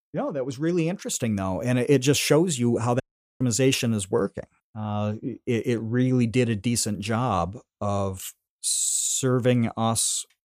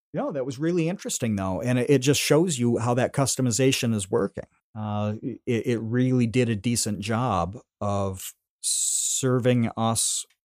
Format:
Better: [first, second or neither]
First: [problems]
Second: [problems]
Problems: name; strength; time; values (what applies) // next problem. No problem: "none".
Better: second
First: audio cutting out; at 3 s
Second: none